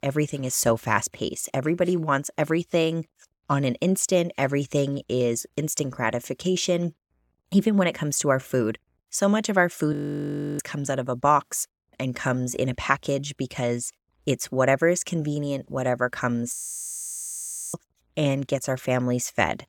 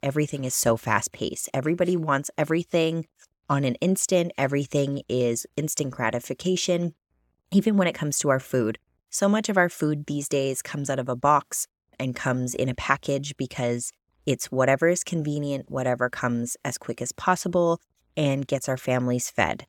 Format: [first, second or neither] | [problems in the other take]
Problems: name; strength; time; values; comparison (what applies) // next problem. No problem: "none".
second | audio freezing; at 10 s for 0.5 s and at 17 s for 1 s